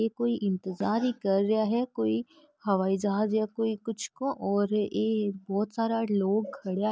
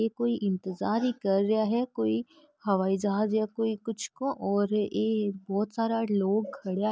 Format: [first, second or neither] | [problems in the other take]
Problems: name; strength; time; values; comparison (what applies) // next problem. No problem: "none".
second | background sound (Snare drum); 14 dB below the speech